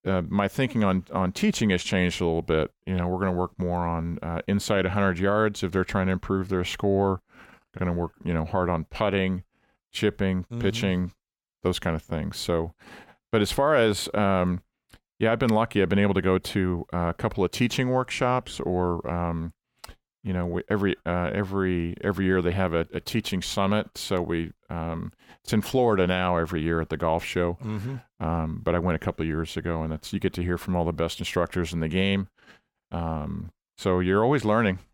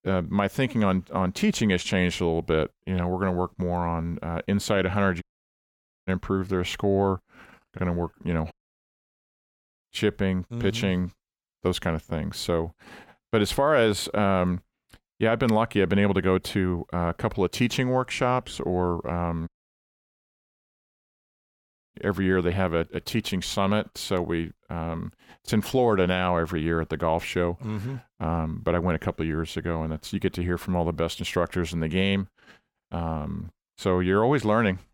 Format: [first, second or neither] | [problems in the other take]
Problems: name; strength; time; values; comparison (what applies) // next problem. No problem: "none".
first | audio cutting out; at 5 s for 1 s, at 8.5 s for 1.5 s and at 19 s for 2.5 s